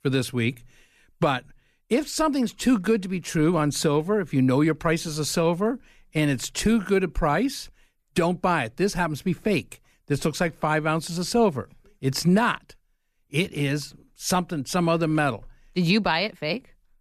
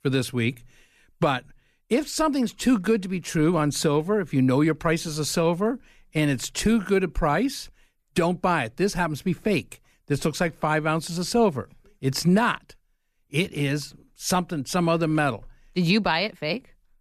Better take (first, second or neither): neither